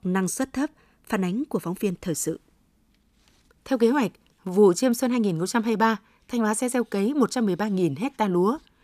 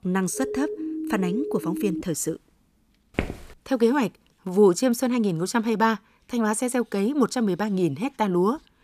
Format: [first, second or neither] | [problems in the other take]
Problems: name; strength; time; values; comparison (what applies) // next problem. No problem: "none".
first | siren; noticeable; until 2 s; peak 6 dB below the speech // footsteps; noticeable; at 3 s; peak 7 dB below the speech